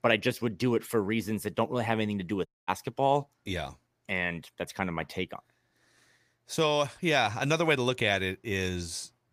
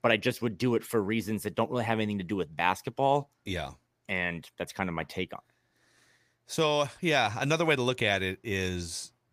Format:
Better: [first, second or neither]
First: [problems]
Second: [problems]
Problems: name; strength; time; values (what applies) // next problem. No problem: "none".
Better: second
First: audio cutting out; at 2.5 s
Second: none